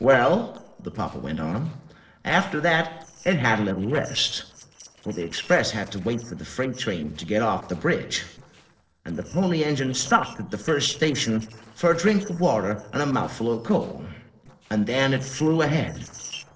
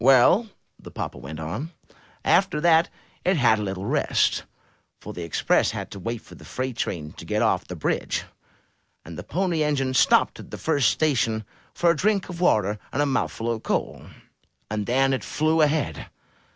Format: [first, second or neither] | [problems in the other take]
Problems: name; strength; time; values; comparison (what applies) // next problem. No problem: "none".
second | noise reduction (neural separator model SepFormer DNS4)